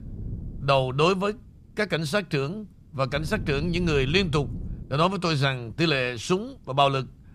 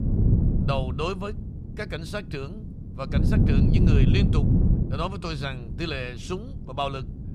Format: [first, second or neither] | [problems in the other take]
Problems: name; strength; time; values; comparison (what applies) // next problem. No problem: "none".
first | wind noise on the microphone; heavy; as loud as the speech; occasional gusts in the first